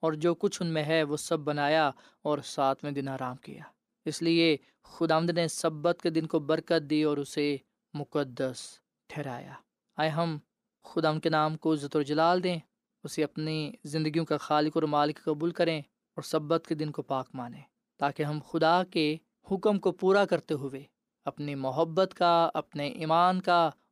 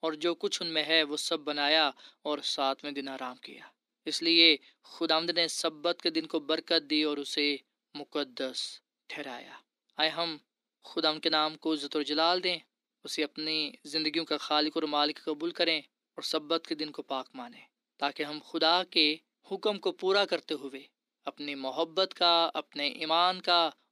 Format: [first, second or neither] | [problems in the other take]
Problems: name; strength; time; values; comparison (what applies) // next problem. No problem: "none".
first | thin; very slightly; fading below 250 Hz